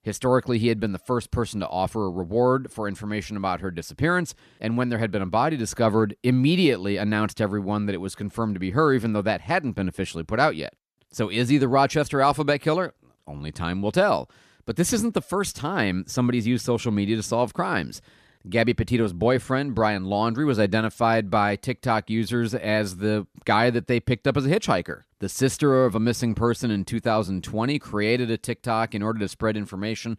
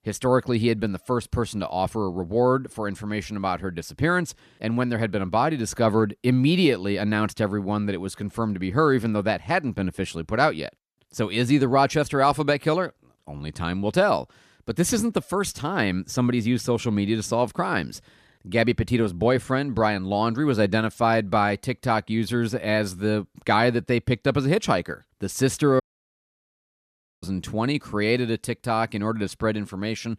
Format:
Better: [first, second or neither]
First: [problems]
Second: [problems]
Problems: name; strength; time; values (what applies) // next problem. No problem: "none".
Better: first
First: none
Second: audio cutting out; at 26 s for 1.5 s